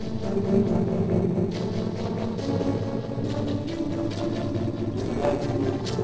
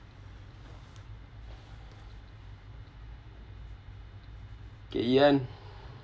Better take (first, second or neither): second